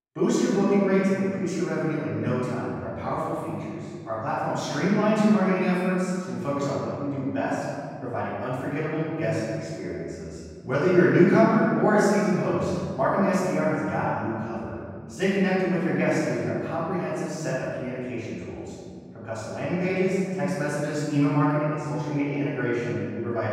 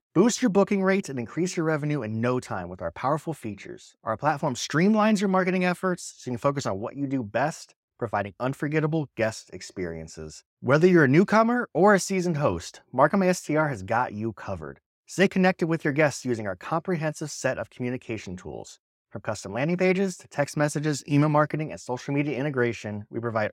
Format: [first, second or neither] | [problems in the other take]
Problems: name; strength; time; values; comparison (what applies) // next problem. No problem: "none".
second | room echo; strong; dies away in 2 s // off-mic speech; far